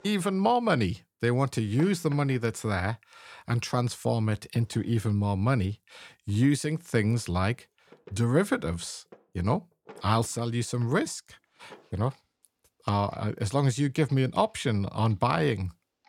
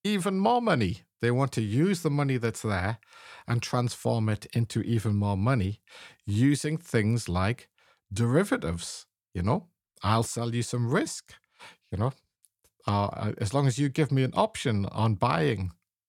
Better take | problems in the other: second | household noises; faint; throughout; 25 dB below the speech

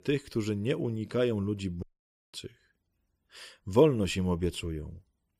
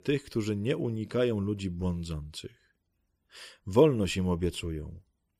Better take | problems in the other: second | audio cutting out; at 2 s for 0.5 s

